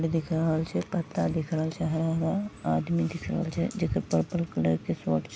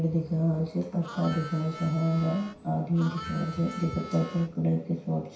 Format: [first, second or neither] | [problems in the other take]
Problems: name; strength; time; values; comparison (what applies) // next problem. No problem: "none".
first | background sound (Harmonica); 14 dB below the speech // room echo; dies away in 0.6 s